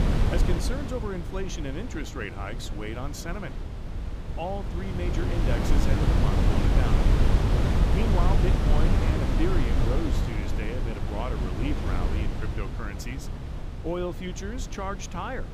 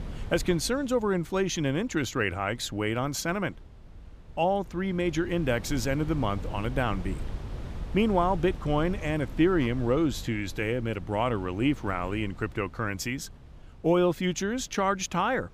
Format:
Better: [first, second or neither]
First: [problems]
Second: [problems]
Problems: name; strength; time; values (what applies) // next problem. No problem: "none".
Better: second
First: wind noise on the microphone; heavy; as loud as the speech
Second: wind noise on the microphone; occasional gusts; 20 dB below the speech